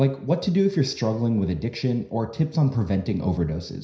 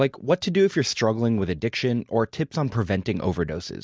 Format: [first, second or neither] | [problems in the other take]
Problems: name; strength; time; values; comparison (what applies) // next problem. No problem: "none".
second | room echo; dies away in 0.5 s